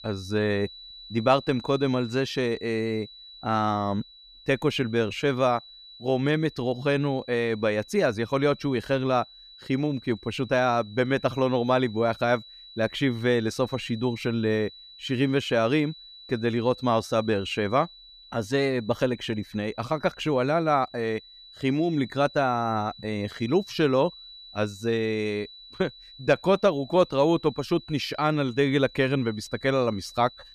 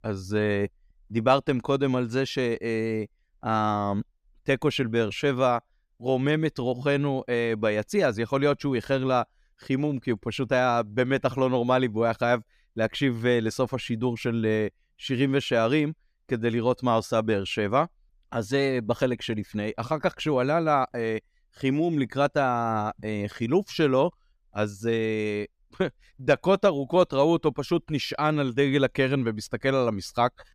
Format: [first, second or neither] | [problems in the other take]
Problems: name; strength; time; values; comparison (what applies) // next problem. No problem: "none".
second | high-pitched whine; noticeable; throughout; 4 kHz, 20 dB below the speech